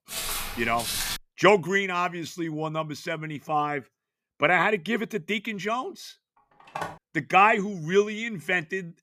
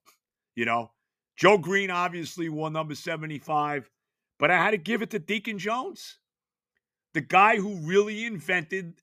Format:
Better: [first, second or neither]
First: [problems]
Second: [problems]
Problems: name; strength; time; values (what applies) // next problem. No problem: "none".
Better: second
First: footsteps; noticeable; until 1 s; peak 2 dB below the speech // phone ringing; faint; at 7 s; peak 10 dB below the speech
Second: none